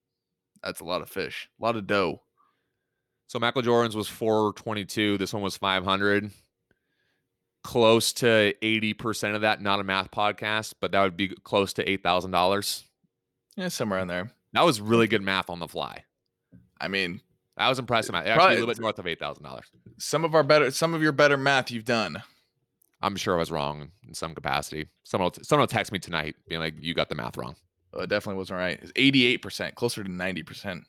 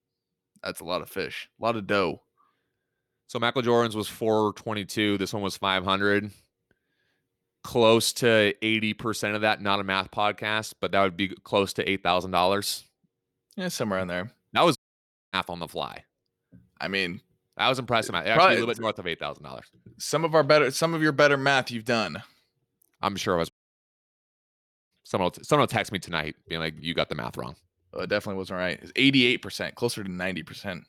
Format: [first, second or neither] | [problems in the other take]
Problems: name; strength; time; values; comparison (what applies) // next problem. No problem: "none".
first | audio cutting out; at 15 s for 0.5 s and at 24 s for 1.5 s